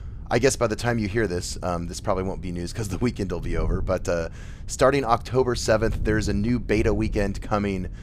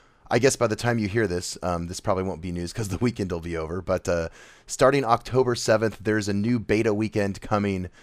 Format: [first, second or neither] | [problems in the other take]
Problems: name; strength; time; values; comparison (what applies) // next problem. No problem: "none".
second | wind noise on the microphone; occasional gusts; 25 dB below the speech